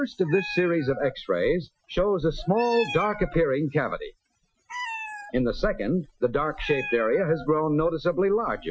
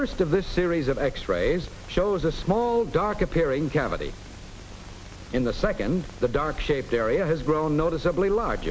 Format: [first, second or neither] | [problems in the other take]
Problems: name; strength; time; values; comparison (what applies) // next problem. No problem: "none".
second | noise reduction (classical method Wiener filter)